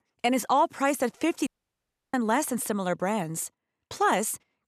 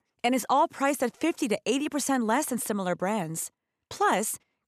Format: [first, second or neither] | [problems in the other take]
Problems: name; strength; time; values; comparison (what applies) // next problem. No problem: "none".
second | audio cutting out; at 1.5 s for 0.5 s